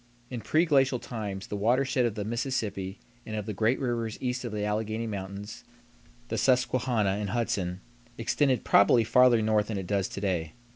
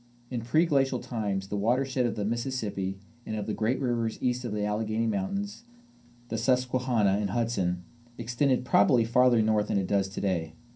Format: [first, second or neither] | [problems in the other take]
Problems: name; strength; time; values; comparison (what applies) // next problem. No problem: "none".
first | room echo; dies away in 0.3 s